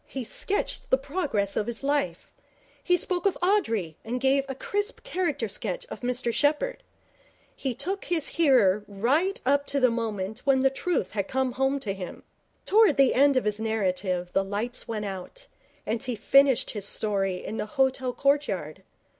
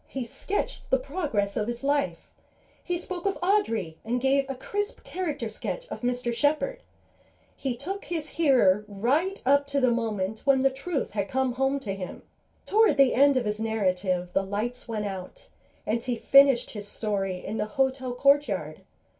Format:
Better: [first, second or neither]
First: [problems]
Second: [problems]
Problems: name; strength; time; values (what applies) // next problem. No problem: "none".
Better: first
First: none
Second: room echo; dies away in 0.2 s